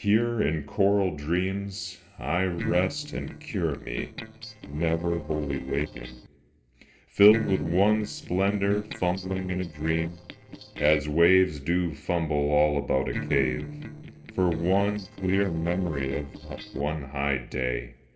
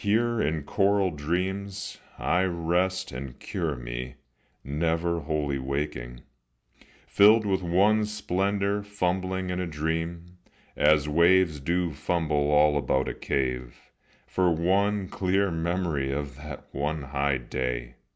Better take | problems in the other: second | noise reduction (neural separator model SepFormer DNS4)

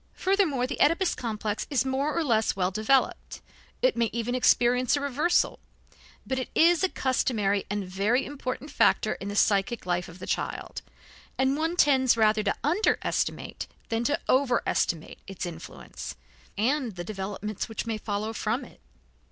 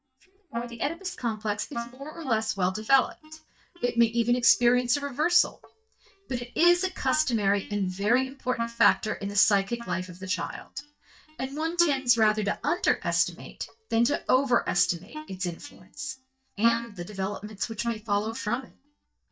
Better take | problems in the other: first | noise reduction (neural mask model DeepFilterNet 3)

